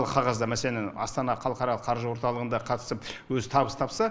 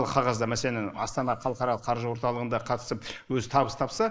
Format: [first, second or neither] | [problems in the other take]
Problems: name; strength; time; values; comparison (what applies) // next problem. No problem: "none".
first | noise reduction (neural mask model Resemble Enhance denoiser)